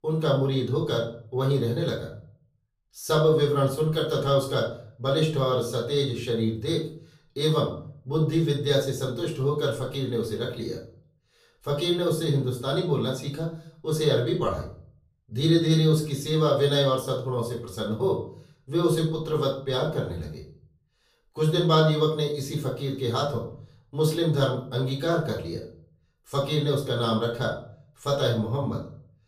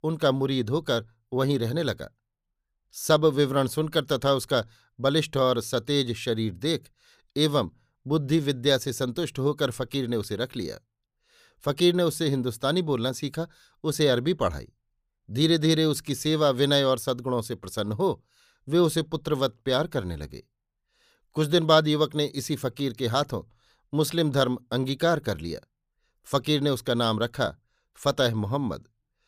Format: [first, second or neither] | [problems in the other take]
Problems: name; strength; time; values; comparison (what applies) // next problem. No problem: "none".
second | room echo; slight; dies away in 0.4 s // off-mic speech; far